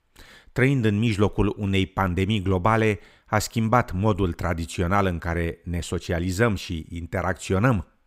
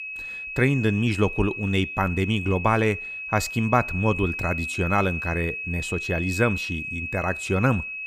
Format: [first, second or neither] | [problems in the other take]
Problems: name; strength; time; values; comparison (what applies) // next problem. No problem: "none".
first | high-pitched whine; loud; throughout; 2.5 kHz, 6 dB below the speech